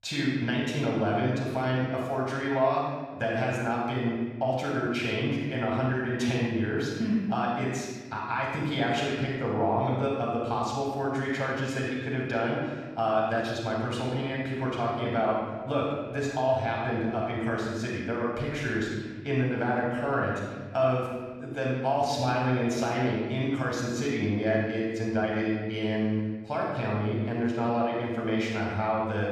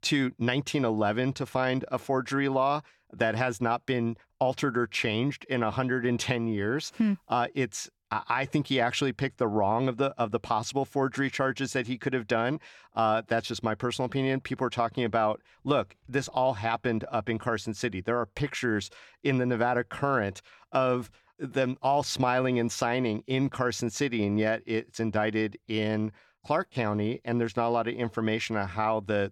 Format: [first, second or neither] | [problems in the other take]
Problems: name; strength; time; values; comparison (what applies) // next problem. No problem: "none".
second | off-mic speech; far // room echo; strong; dies away in 1.4 s